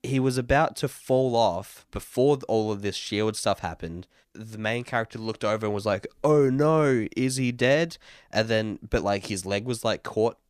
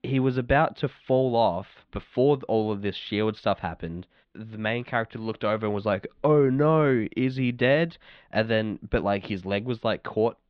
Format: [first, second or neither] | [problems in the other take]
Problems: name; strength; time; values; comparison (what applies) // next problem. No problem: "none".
first | muffled; slightly; fading above 3.5 kHz